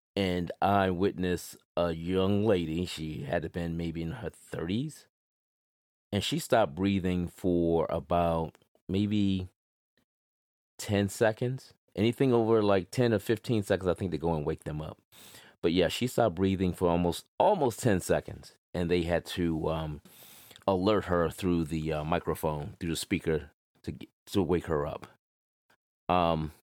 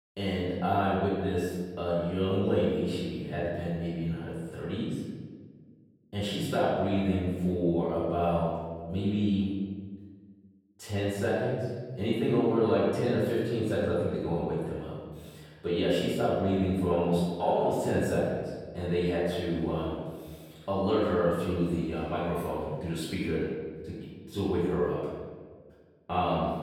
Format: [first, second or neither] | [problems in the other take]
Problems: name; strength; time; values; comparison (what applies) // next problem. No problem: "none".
first | off-mic speech; far // room echo; strong; dies away in 1.4 s